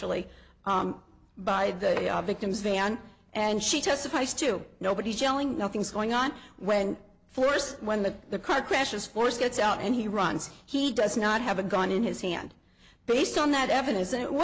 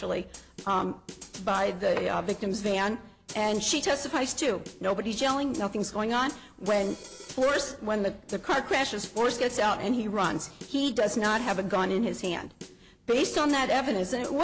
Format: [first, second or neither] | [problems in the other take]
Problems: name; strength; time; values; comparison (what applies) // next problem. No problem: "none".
first | background sound (Snare drum); 20 dB below the speech